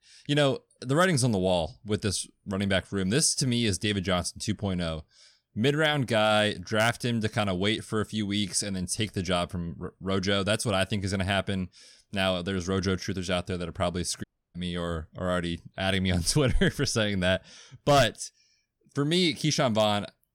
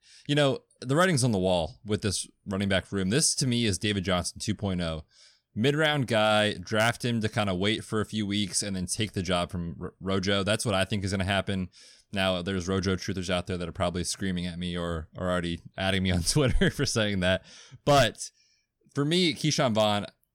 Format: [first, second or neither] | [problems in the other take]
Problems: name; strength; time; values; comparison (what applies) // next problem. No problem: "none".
second | audio cutting out; at 14 s